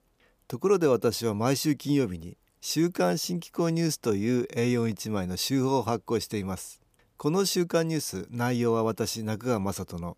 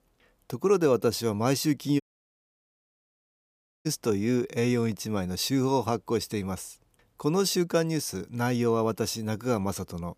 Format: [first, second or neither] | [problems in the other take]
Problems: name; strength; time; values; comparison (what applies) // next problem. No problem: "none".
first | audio cutting out; at 2 s for 2 s